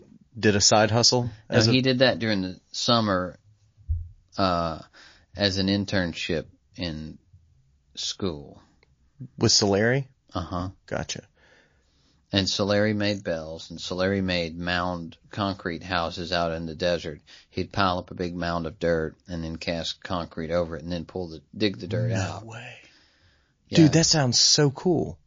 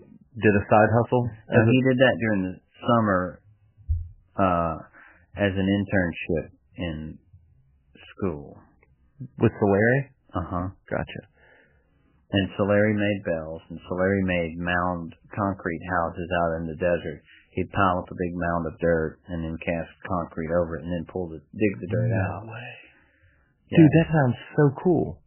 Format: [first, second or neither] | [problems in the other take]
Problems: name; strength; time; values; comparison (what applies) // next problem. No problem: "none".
first | garbled, watery; badly; nothing above 3 kHz; slightly in the first